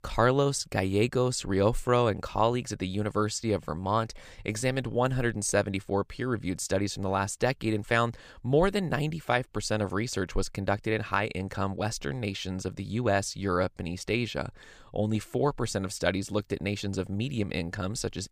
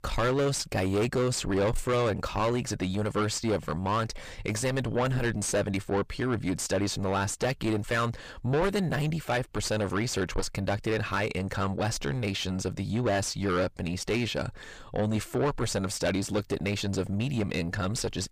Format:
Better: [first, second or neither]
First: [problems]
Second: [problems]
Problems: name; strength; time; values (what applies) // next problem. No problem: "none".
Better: first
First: none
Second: distortion; heavy; 5 dB below the speech